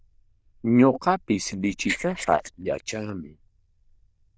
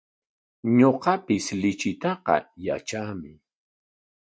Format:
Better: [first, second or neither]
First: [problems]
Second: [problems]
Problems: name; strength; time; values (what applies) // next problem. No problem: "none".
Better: second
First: noise reduction (neural diffusion model UNIVERSE++)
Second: none